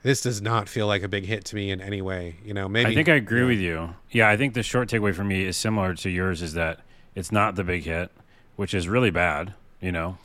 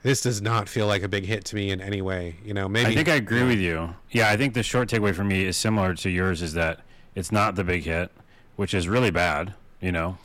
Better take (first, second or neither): first